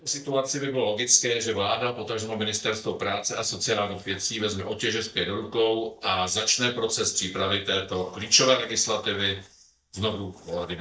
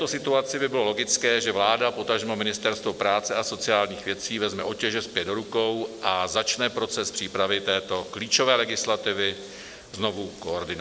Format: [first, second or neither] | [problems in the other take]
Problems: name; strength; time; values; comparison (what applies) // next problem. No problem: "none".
second | noise reduction (neural mask model DeepFilterNet 3)